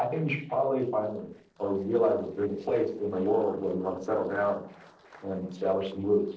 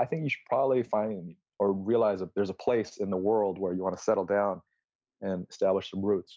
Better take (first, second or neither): second